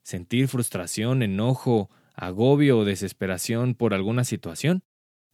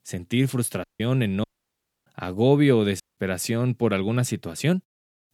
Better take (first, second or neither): first